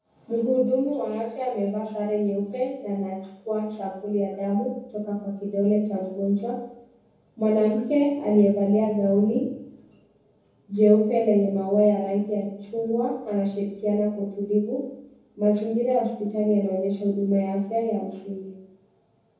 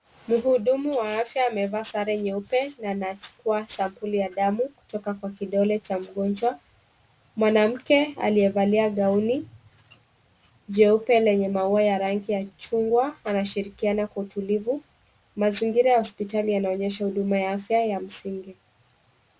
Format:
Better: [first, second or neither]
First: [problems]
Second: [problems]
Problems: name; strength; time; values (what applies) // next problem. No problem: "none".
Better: second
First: room echo; dies away in 0.9 s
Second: none